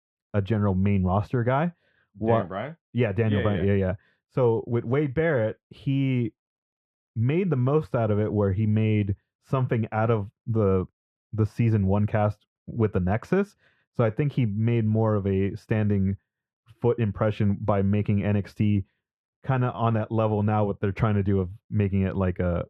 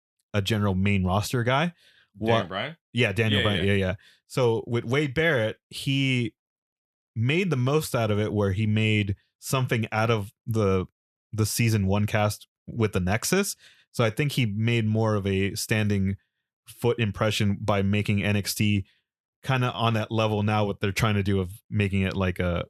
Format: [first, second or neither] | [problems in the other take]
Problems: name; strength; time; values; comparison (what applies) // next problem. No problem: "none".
second | muffled; very; fading above 3 kHz